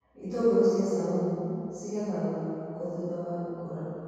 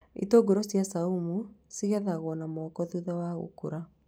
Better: second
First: room echo; dies away in 2.2 s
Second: none

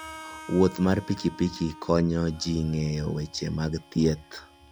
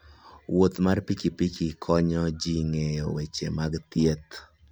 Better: second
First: background sound (Harmonica); 19 dB below the speech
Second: none

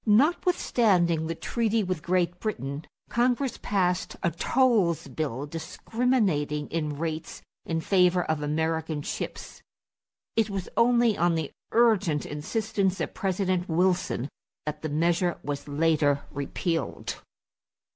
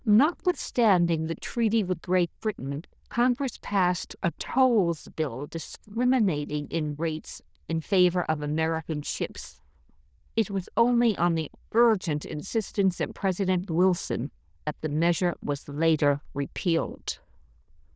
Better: first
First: none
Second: noise reduction (neural diffusion model UNIVERSE++)

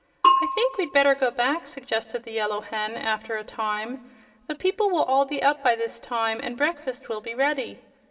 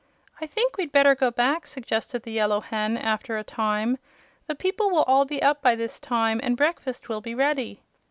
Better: second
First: background sound (Bell / Percussion); 2 dB below the speech // room echo; dies away in 1.1 s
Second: none

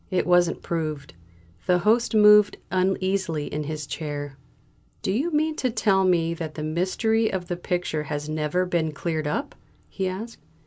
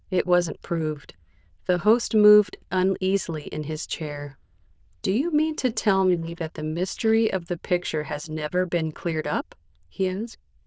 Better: first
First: none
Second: noise reduction (neural diffusion model UNIVERSE++)

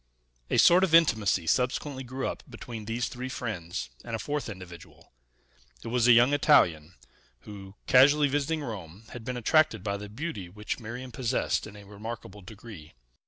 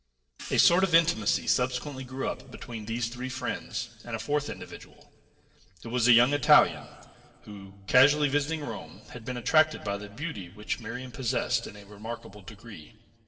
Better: first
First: none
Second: noise reduction (neural separator model SepFormer DNS4)

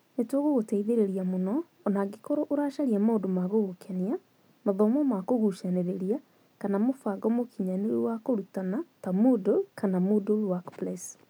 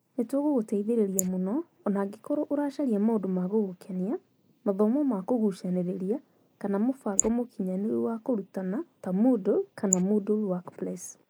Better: first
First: none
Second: noise reduction (neural mask model Resemble Enhance denoiser)

